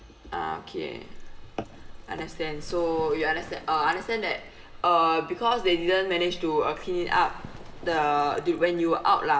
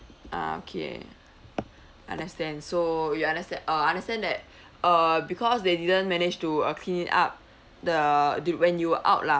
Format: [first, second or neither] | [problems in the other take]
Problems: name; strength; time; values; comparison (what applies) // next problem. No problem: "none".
second | background sound (Livestock, farm animals, working animals); 14 dB below the speech // room echo; dies away in 0.9 s